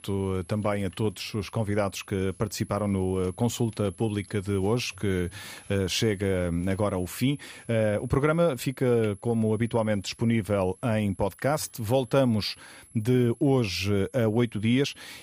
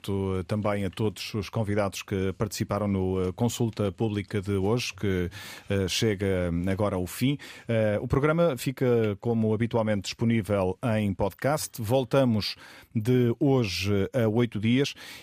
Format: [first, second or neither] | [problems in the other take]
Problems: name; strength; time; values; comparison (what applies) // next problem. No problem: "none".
second | high-pitched whine; faint; throughout; 11 kHz, 25 dB below the speech